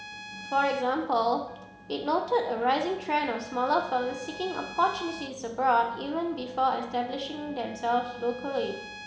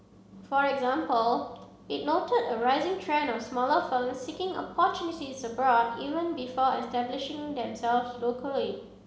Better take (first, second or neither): second